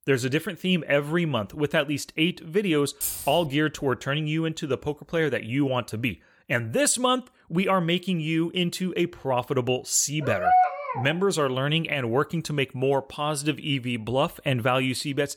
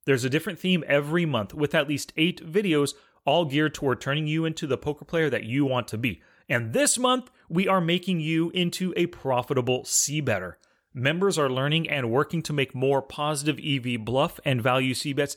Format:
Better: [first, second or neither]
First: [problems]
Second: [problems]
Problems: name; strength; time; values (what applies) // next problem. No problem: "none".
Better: second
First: jangling keys; noticeable; at 3 s; peak 3 dB below the speech // dog barking; loud; at 10 s; peak 5 dB above the speech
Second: none